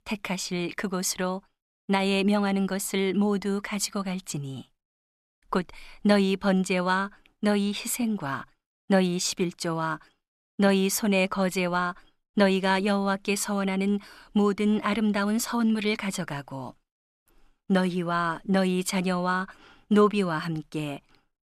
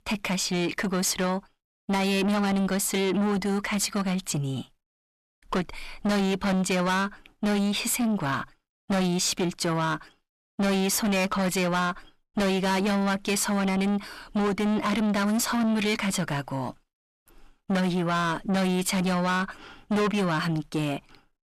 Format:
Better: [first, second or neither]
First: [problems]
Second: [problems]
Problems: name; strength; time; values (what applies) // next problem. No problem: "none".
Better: first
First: none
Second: distortion; heavy; 7 dB below the speech